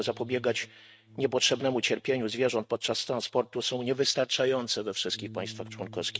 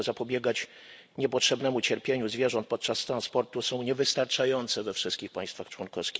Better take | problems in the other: second | noise reduction (neural mask model RNNoise)

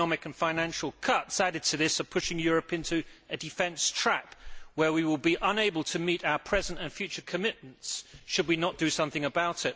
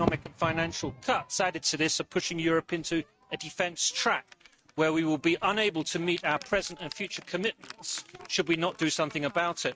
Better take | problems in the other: first | noise reduction (neural mask model RNNoise)

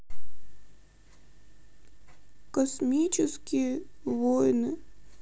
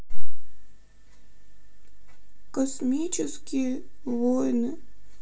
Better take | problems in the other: first | room echo; dies away in 0.2 s

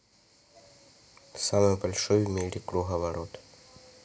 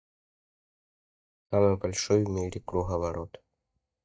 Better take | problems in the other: first | noise reduction (neural mask model DeepFilterNet 3)

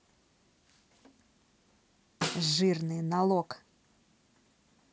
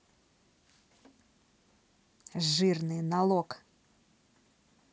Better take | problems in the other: second | background sound (Snare drum); 6 dB below the speech

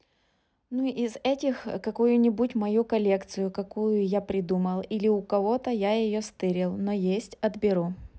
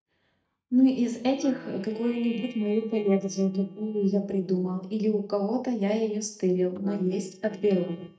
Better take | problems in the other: first | noise reduction (neural mask model DeepFilterNet 3)

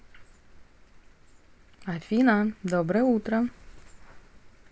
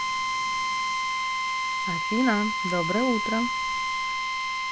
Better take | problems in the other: first | background sound (Drill); 3 dB above the speech

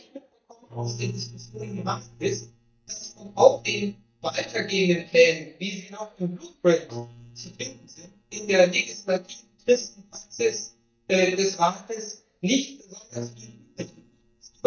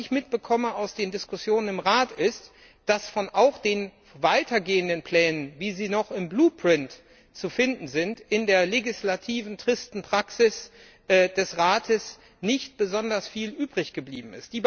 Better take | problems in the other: second | noise reduction (neural mask model DeepFilterNet 3)

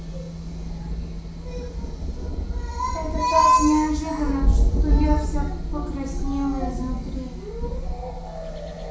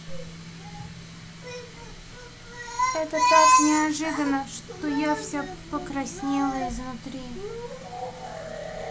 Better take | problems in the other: second | background sound (Thunder); 1 dB above the speech // room echo; dies away in 0.6 s

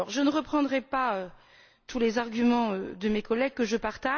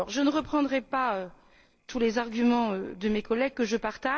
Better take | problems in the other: first | noise reduction (neural separator model SepFormer DNS4)

